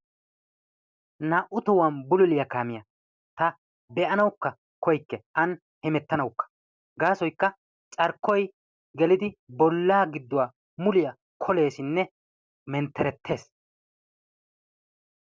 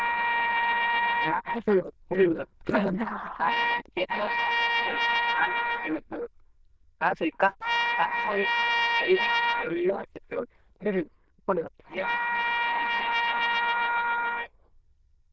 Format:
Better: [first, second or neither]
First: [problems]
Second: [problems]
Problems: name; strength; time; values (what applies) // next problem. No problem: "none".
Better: first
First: none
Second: noise reduction (neural diffusion model UNIVERSE++)